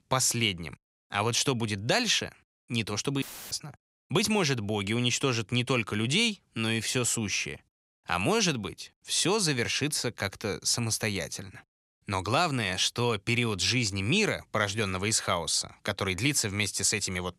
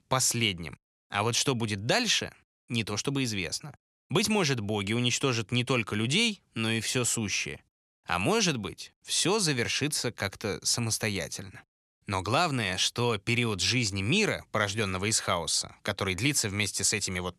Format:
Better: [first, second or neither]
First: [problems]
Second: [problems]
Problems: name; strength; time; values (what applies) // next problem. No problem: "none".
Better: second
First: audio cutting out; filled with static; at 3 s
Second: none